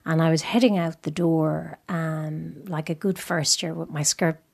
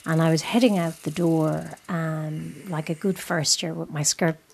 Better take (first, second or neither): first